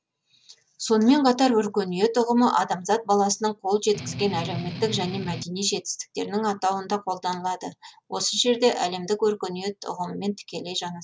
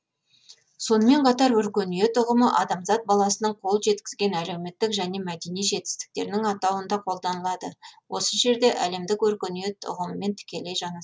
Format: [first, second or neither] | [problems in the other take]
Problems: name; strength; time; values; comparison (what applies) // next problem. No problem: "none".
second | background sound (Strum); 8 dB below the speech